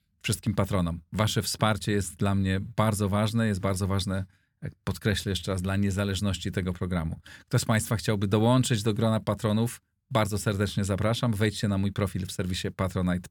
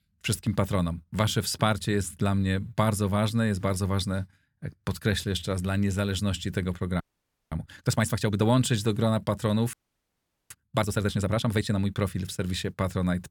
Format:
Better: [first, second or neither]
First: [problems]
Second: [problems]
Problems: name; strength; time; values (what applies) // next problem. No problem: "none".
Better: first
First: none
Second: audio freezing; at 7 s for 0.5 s and at 9.5 s for 1 s